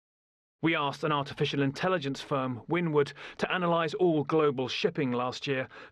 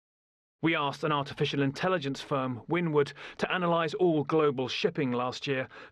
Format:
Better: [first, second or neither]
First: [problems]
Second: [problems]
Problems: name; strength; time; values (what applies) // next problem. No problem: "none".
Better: neither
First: muffled; slightly; fading above 3.5 kHz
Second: muffled; slightly; fading above 3.5 kHz